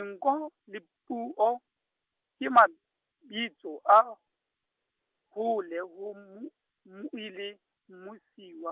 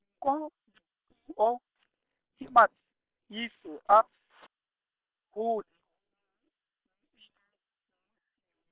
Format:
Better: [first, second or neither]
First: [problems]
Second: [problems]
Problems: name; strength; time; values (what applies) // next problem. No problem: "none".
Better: first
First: none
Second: noise reduction (neural separator model SepFormer WHAM!)